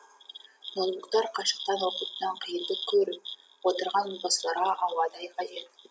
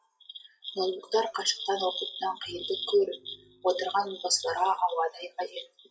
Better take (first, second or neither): first